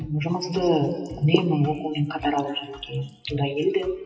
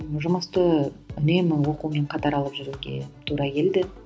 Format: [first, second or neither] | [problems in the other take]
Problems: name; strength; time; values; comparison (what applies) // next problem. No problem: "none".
second | noise reduction (classical method WPE with log-MMSE)